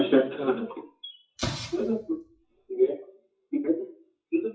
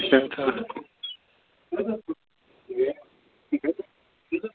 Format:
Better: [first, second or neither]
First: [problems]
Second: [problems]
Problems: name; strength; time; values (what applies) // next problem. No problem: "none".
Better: second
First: noise reduction (classical method WPE with log-MMSE)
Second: none